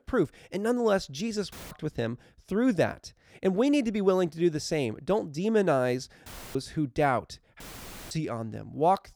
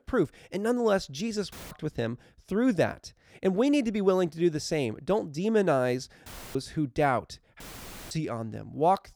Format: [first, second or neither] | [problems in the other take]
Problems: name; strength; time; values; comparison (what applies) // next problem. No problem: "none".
neither | audio cutting out; filled with static; at 1.5 s, at 6.5 s and at 7.5 s for 0.5 s; the same in both